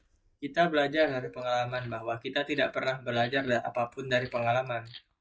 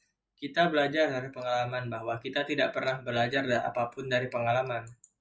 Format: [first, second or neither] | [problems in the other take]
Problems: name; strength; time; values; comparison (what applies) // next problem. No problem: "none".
second | noise reduction (neural mask model DeepFilterNet 3)